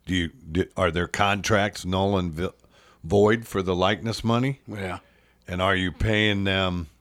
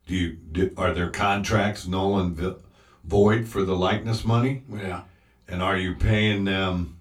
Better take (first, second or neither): first